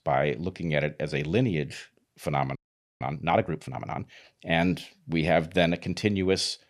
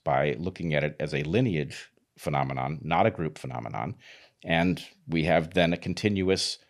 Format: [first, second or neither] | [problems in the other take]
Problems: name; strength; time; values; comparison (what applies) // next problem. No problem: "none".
second | audio freezing; at 2.5 s